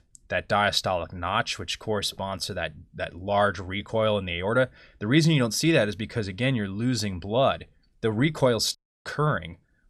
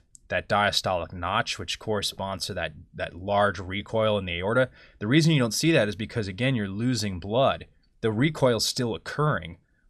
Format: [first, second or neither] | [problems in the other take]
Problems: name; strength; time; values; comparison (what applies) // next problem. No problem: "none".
second | audio cutting out; at 9 s